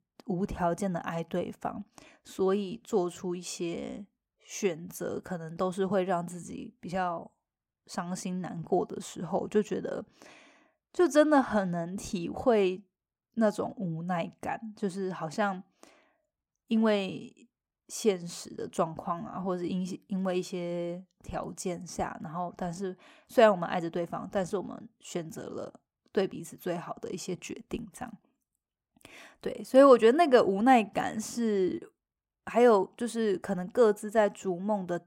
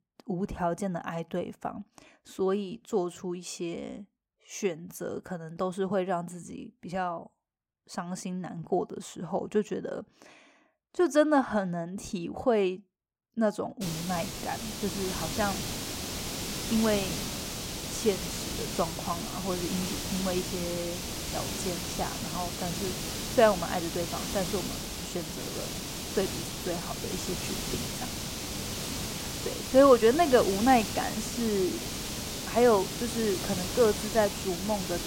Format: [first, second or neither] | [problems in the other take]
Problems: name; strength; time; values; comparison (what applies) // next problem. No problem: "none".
first | hiss; loud; from 14 s on; 4 dB below the speech